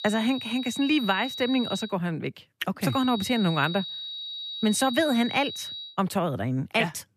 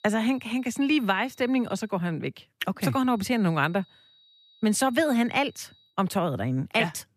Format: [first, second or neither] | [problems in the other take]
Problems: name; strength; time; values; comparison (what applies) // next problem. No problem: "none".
second | high-pitched whine; loud; until 2 s and from 3 to 6 s; 4 kHz, 7 dB below the speech; faint in the second